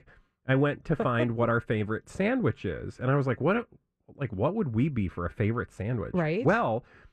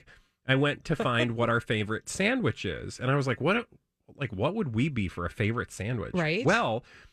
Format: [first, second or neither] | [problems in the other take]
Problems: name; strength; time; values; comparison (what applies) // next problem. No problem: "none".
second | muffled; slightly; fading above 2 kHz